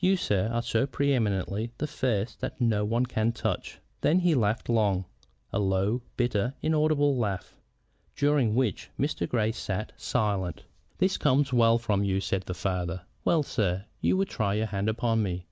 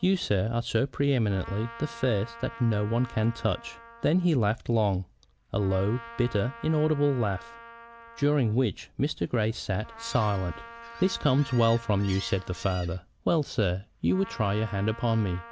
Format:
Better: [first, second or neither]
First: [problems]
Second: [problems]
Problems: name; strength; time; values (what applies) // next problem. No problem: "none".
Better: first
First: none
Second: background sound (Gull, seagull + Trumpet); 19 dB below the speech